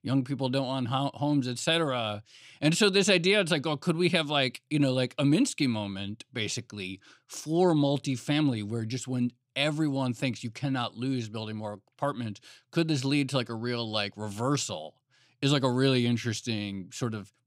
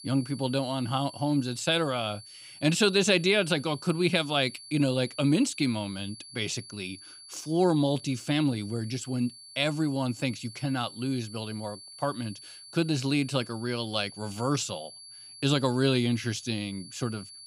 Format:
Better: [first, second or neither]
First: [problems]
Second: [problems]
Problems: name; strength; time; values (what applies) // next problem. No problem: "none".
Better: first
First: none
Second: high-pitched whine; noticeable; throughout; 4.5 kHz, 15 dB below the speech